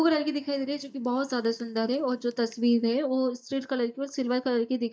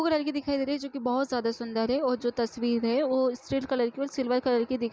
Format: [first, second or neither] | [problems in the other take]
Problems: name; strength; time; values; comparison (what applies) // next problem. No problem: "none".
second | noise reduction (neural mask model DeepFilterNet 3)